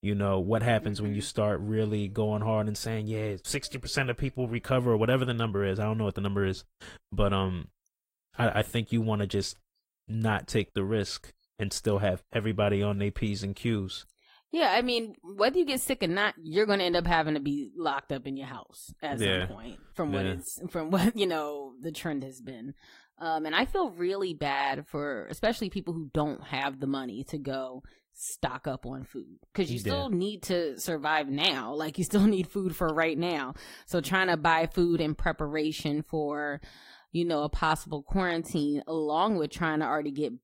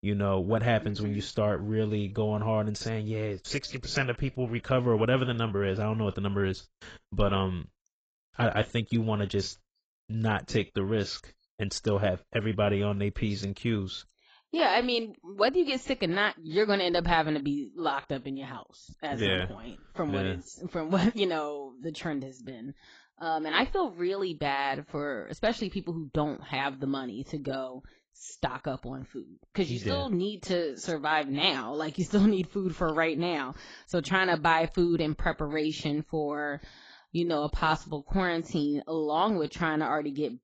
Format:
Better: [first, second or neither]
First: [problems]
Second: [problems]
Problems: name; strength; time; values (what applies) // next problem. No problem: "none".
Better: first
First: garbled, watery; slightly; nothing above 16 kHz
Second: garbled, watery; badly; nothing above 7.5 kHz